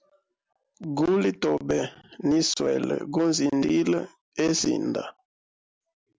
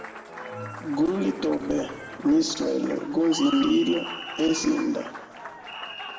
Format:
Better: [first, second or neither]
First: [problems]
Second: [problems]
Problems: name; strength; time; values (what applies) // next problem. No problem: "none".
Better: first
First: none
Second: background sound (Applause); 12 dB below the speech // room echo; dies away in 1.6 s